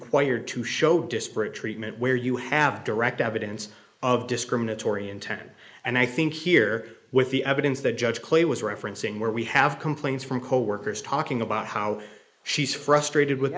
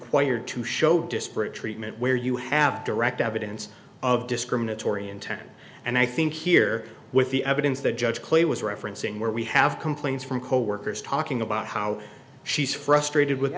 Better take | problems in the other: second | noise reduction (neural mask model Resemble Enhance denoiser)

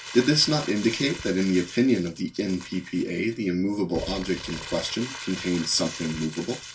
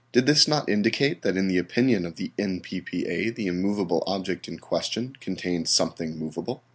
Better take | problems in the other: second | background sound (Crumpling, crinkling); 13 dB below the speech // room echo; dies away in 0.2 s

